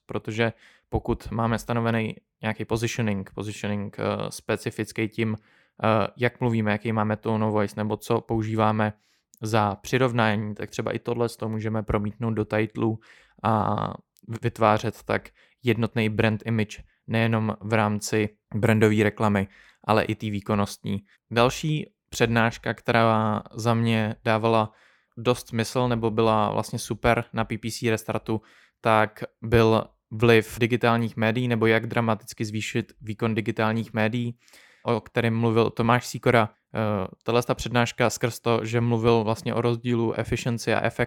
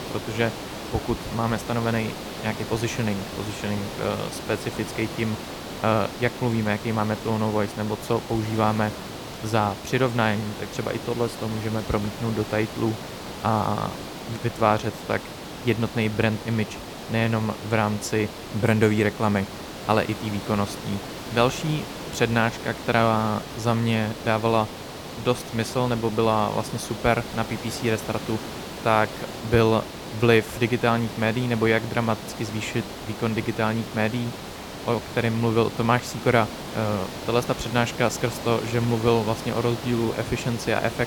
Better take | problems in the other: first | hiss; loud; throughout; 10 dB below the speech

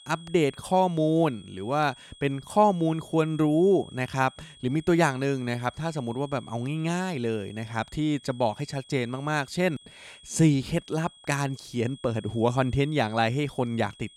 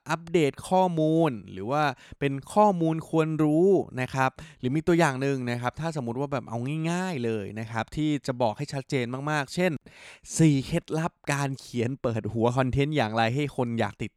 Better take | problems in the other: second | high-pitched whine; faint; throughout; 3.5 kHz, 25 dB below the speech

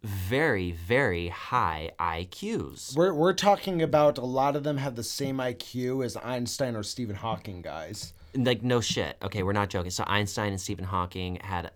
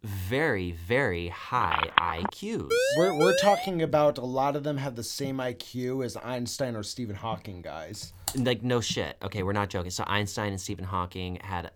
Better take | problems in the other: first | phone ringing; loud; at 1.5 s; peak 4 dB above the speech // siren; loud; at 2.5 s; peak 4 dB above the speech // keyboard typing; noticeable; at 8.5 s; peak 6 dB below the speech

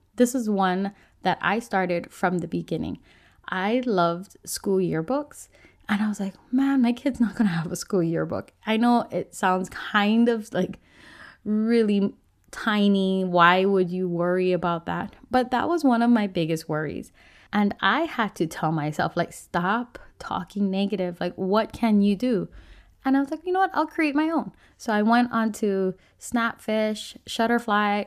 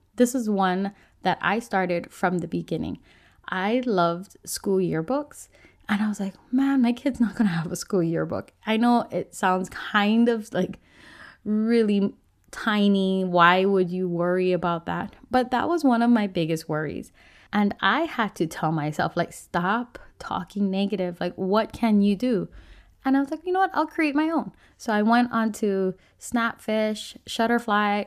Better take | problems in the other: neither | none

